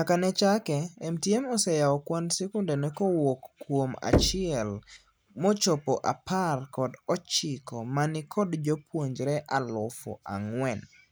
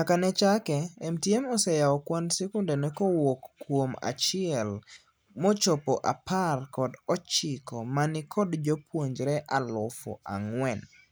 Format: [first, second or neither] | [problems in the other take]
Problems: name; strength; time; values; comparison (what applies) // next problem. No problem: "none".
second | background sound (Knock); 4 dB below the speech